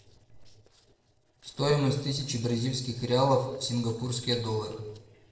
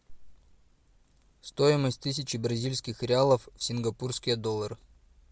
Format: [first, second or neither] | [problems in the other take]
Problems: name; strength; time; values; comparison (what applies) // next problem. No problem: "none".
second | noise reduction (neural separator model SepFormer DNS4)